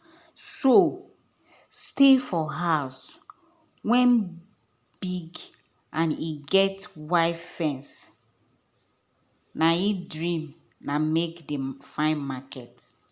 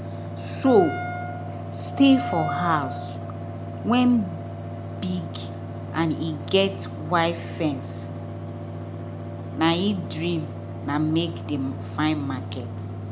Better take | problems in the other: first | background sound (Wind instrument, woodwind instrument + Mechanical fan); 6 dB below the speech

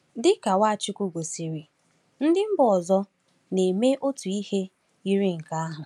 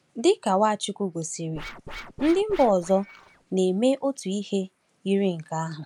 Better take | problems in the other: first | background sound (Scratching (performance technique)); 15 dB below the speech

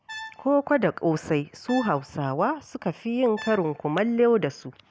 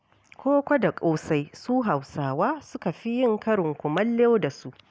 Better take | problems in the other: second | background sound (Brass instrument); 19 dB below the speech

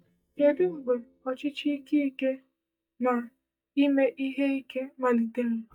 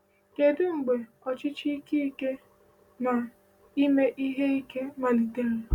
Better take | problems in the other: second | noise reduction (neural mask model DeepFilterNet 3)

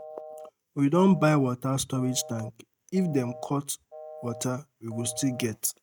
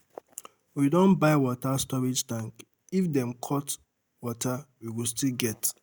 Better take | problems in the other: second | noise reduction (neural mask model RNNoise)

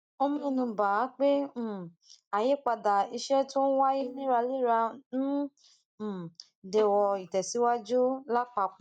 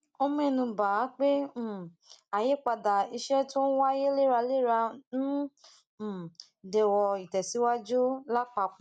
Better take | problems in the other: second | noise reduction (neural mask model DeepFilterNet 3)

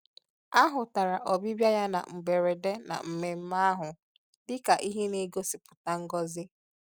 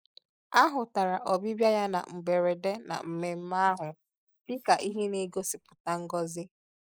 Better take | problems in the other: first | noise reduction (neural mask model Resemble Enhance denoiser)

